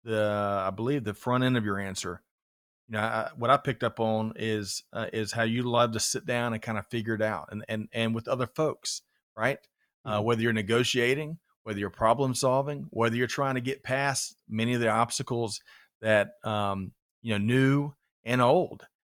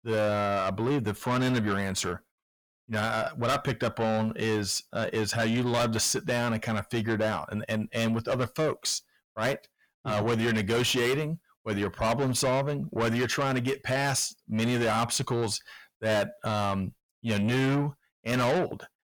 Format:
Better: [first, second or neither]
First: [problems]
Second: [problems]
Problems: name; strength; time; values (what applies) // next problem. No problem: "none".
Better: first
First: none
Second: distortion; heavy; 6 dB below the speech